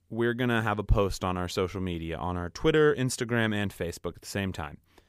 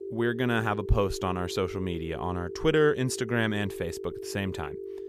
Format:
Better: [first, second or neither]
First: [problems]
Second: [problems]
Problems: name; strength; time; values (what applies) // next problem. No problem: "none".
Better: first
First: none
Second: phone ringing; noticeable; peak 9 dB below the speech